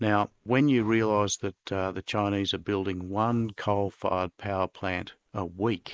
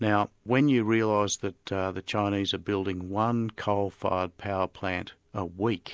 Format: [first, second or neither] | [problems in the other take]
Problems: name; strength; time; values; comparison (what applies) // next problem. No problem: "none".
second | noise reduction (neural mask model Resemble Enhance denoiser)